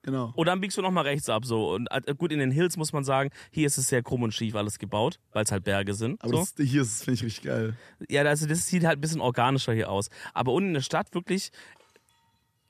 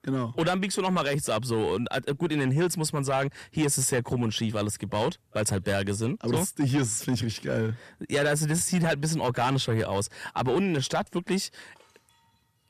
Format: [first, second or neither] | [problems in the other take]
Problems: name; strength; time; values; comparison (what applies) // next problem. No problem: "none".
first | distortion; slight; 10 dB below the speech